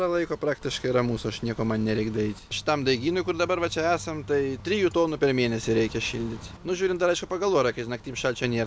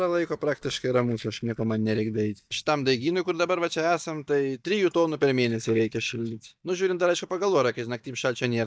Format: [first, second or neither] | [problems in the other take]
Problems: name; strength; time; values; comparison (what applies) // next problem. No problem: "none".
first | noise reduction (neural mask model DeepFilterNet 3)